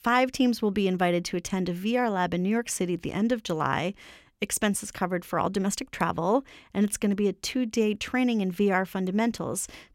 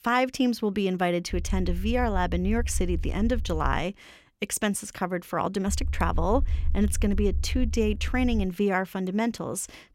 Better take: first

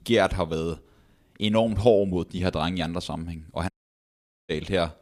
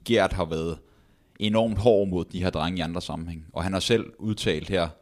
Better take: second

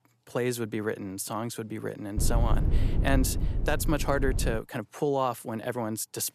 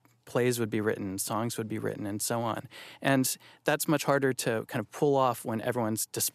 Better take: second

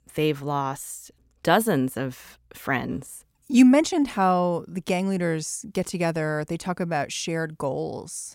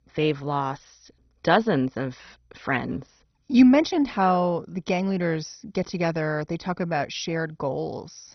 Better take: first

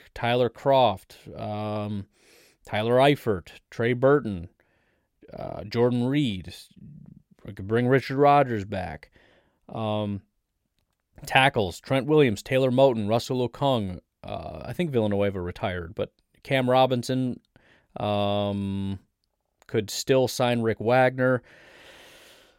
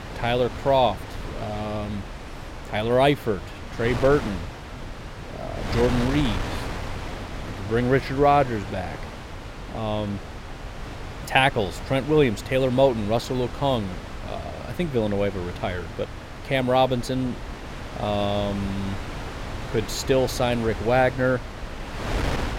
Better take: first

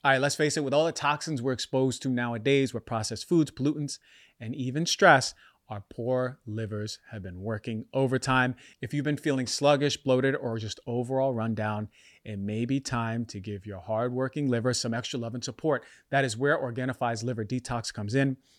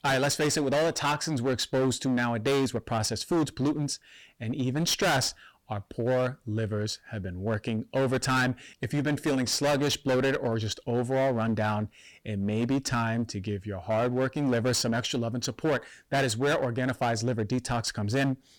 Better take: first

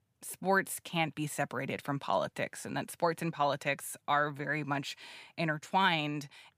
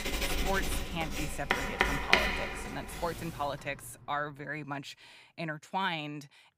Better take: first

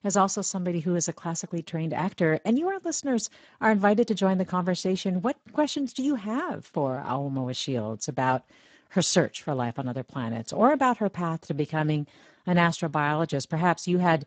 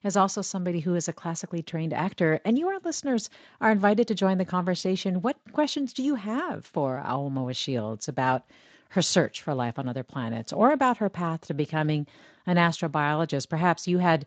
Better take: second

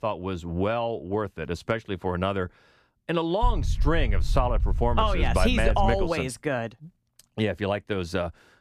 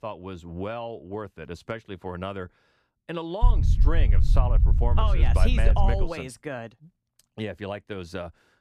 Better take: first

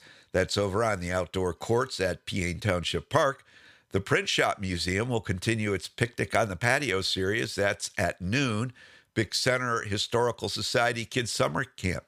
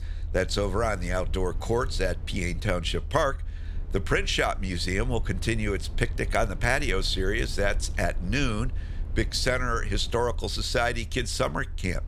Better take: first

